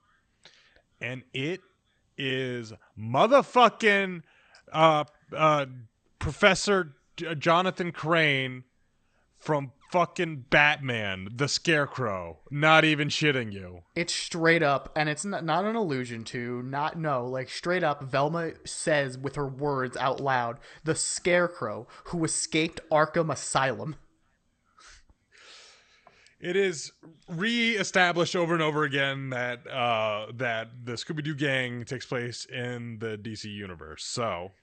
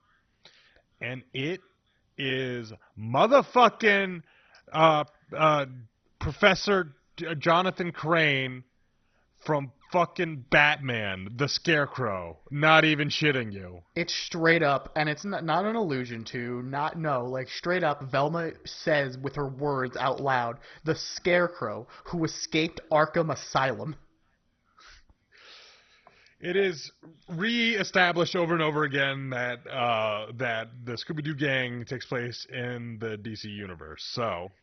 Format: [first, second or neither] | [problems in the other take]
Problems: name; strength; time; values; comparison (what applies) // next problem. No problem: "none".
first | garbled, watery; badly; nothing above 6 kHz; slightly in the first